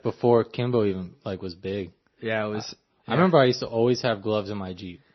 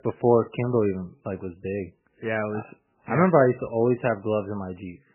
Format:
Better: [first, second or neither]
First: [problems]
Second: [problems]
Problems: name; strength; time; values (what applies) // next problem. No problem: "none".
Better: first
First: garbled, watery; slightly; nothing above 6 kHz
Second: garbled, watery; badly; nothing above 3 kHz